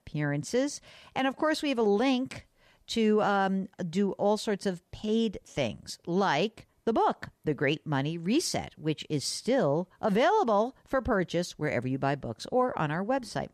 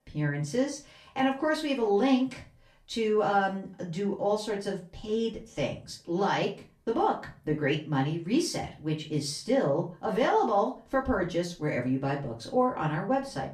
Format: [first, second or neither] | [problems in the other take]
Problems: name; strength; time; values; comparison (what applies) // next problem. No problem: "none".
first | off-mic speech; far // room echo; very slight; dies away in 0.3 s